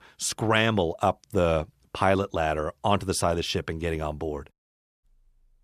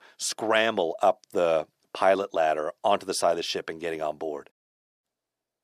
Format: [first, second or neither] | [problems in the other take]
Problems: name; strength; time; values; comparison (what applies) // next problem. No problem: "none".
first | thin; somewhat; fading below 350 Hz